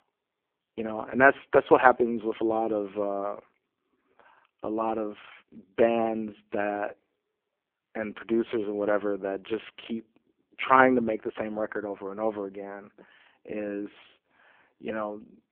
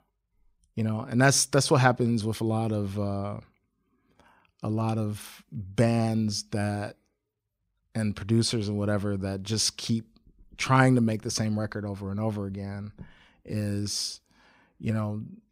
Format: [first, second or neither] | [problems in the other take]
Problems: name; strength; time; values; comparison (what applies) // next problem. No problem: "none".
second | phone-call audio; poor line